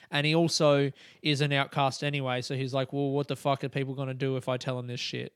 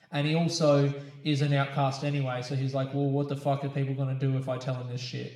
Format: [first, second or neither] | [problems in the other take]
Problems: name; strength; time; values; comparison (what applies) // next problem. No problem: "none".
first | room echo; slight; dies away in 0.8 s // off-mic speech; somewhat distant